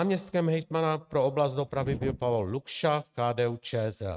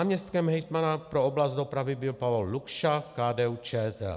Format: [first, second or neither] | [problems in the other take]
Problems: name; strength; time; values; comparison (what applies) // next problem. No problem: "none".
second | noise reduction (neural mask model RNNoise)